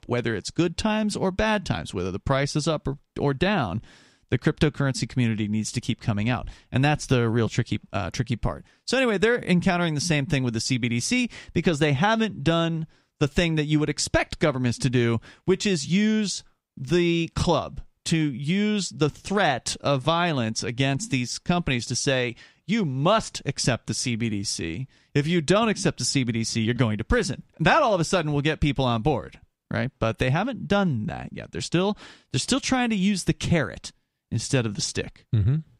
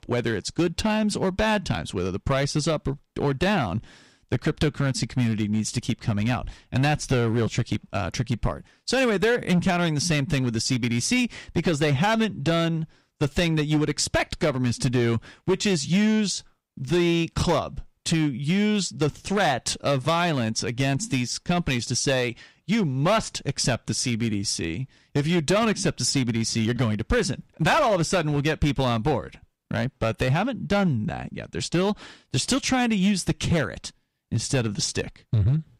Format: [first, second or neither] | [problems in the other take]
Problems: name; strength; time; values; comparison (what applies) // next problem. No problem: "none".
first | distortion; slight; 6% of the sound clipped